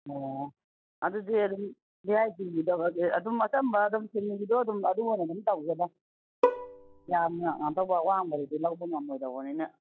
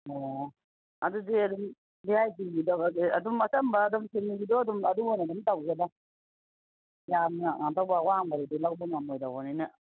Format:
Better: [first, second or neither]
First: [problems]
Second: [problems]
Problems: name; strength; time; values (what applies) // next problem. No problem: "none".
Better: second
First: noise reduction (classical method log-MMSE)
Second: none